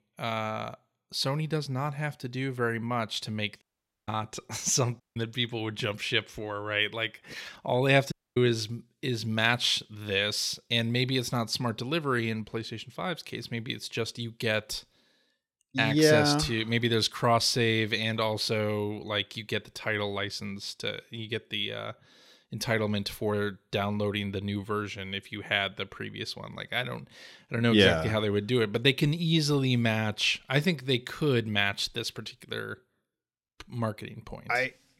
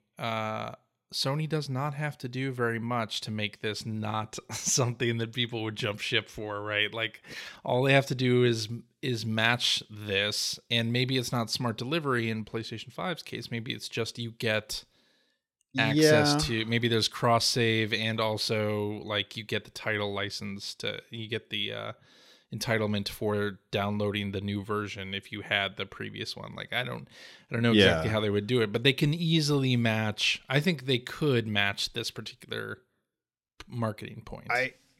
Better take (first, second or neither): second